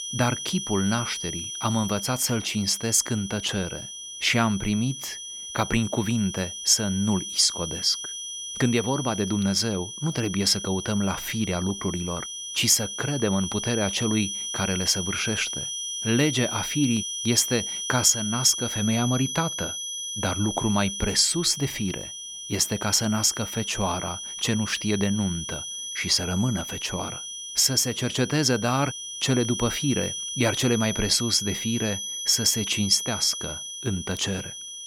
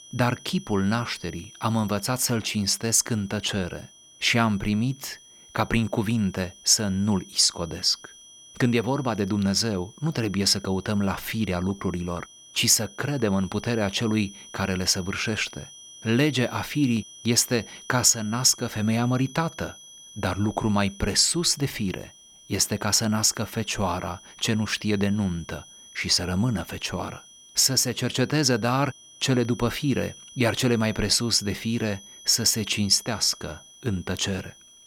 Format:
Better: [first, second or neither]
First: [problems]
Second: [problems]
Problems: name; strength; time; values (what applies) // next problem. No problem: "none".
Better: second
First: high-pitched whine; loud; throughout; 3 kHz, 6 dB below the speech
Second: high-pitched whine; faint; throughout; 3 kHz, 20 dB below the speech